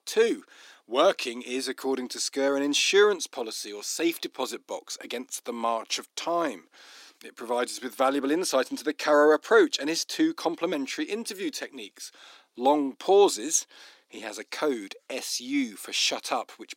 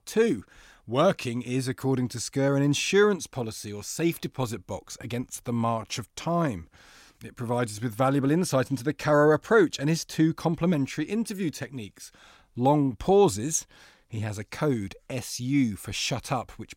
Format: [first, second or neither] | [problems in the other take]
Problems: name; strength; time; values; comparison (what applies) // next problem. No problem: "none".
second | thin; somewhat; fading below 300 Hz